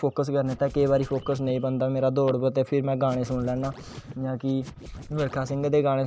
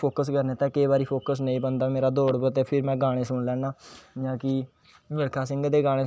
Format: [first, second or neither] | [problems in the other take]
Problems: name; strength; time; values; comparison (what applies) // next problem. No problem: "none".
second | background sound (Scratching (performance technique)); 16 dB below the speech